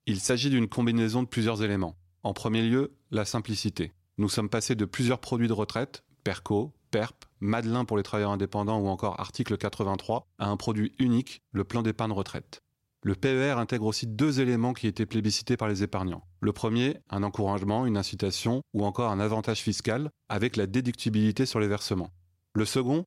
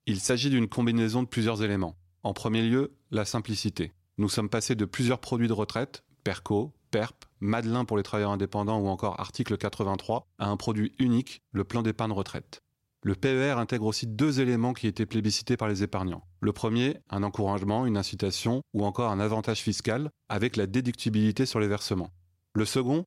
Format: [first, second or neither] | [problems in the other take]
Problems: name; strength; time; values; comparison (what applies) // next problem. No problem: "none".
neither | none